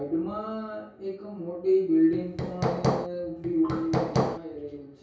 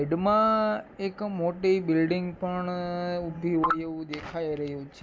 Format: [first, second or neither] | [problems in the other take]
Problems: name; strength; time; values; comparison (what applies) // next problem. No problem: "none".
second | background sound (Hammer); as loud as the speech // room echo; dies away in 0.6 s